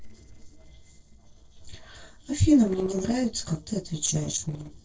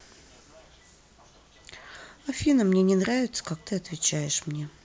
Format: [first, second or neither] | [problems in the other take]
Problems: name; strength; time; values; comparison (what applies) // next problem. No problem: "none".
second | noise reduction (neural separator model SepFormer DNS4)